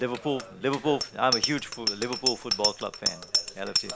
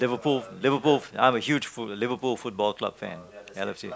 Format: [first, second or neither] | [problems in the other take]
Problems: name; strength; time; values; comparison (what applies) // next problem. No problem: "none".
second | background sound (Bicycle bell); 1 dB below the speech